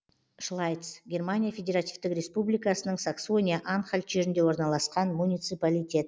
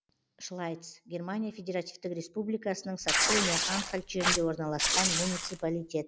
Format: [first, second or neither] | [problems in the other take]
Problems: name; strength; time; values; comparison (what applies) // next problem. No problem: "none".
first | background sound (Tearing); 4 dB above the speech